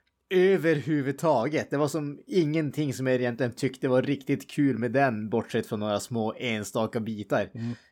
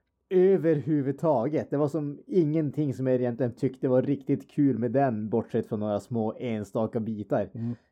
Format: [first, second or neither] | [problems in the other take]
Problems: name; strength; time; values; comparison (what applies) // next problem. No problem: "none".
first | muffled; slightly; fading above 1 kHz